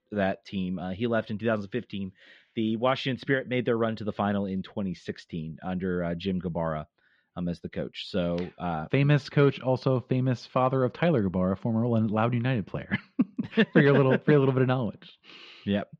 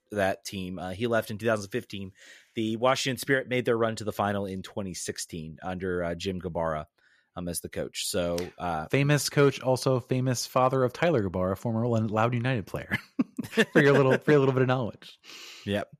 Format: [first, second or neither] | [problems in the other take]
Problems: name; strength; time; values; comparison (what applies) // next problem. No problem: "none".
second | muffled; slightly; fading above 3.5 kHz